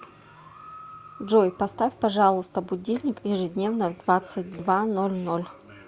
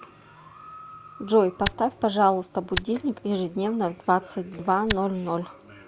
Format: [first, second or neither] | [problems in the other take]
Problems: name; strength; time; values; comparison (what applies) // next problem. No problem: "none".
first | background sound (Tick); 7 dB below the speech